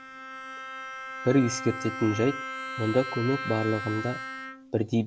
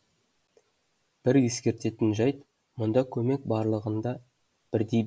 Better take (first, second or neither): second